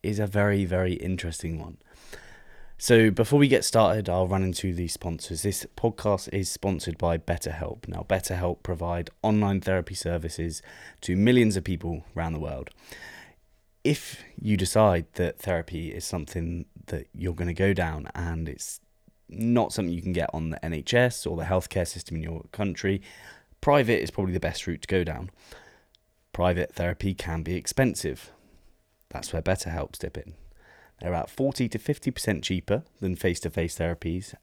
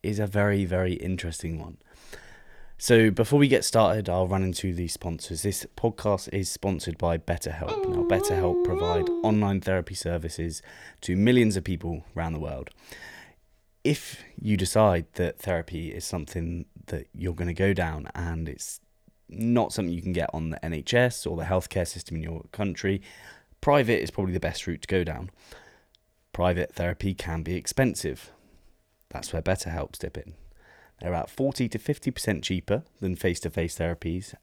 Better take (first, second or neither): first